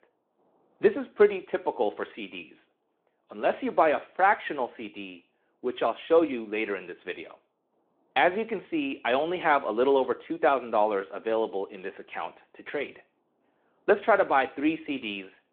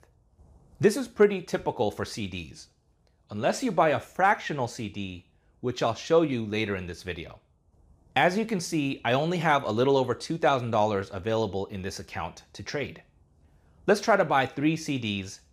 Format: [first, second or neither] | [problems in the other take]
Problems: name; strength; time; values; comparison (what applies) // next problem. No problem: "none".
second | phone-call audio